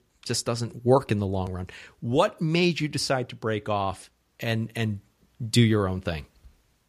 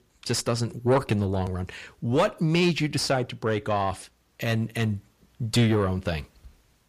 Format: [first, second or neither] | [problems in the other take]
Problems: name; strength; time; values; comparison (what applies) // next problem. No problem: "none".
first | distortion; slight; 9 dB below the speech